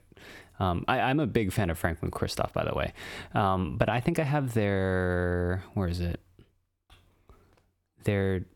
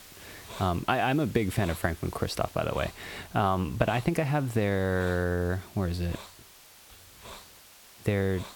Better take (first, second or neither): first